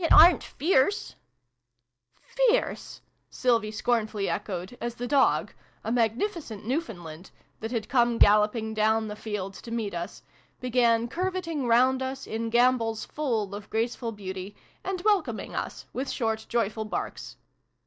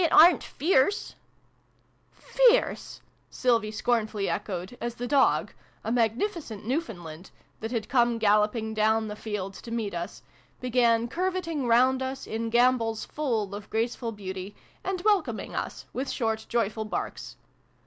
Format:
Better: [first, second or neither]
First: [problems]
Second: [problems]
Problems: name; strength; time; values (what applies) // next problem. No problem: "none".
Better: second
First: noise reduction (neural mask model DeepFilterNet 3)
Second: none